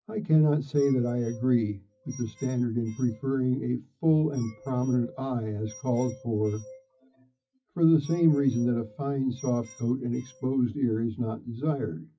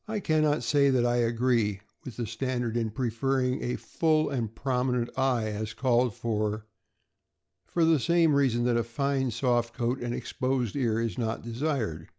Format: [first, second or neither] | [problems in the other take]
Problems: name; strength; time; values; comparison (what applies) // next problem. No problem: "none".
second | noise reduction (classical method WPE with log-MMSE)